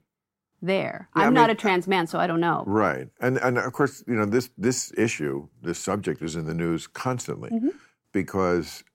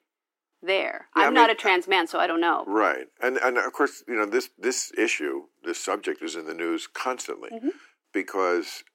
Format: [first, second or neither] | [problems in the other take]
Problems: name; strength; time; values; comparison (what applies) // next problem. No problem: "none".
first | thin; somewhat; fading below 300 Hz